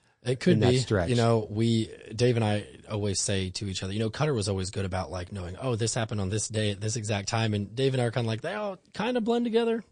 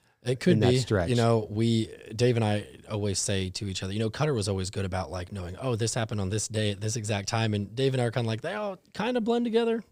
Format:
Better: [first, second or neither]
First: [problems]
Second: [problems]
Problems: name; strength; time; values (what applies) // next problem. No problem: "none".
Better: second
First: garbled, watery; slightly; nothing above 9.5 kHz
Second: none